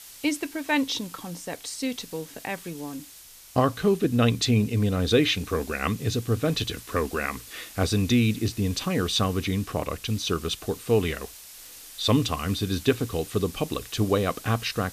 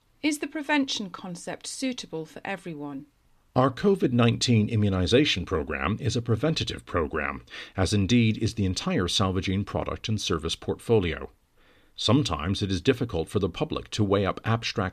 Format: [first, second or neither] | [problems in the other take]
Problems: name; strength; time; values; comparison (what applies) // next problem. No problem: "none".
second | hiss; noticeable; throughout; 15 dB below the speech